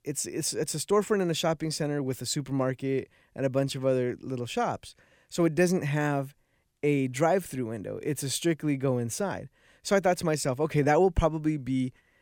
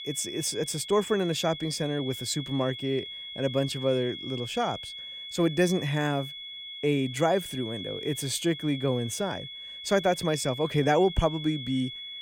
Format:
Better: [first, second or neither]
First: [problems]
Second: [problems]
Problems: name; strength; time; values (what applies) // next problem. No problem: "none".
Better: first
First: none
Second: high-pitched whine; loud; throughout; 3.5 kHz, 9 dB below the speech